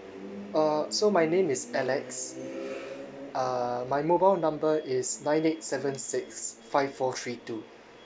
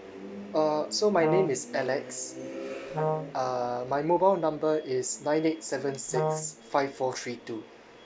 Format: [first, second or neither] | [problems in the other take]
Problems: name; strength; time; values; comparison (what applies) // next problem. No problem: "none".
first | background sound (Brass instrument); 2 dB below the speech